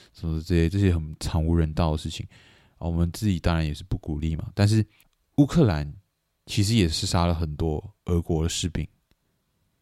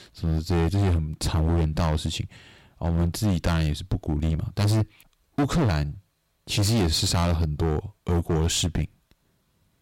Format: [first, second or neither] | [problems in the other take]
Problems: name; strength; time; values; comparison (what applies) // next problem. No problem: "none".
first | distortion; heavy; 16% of the sound clipped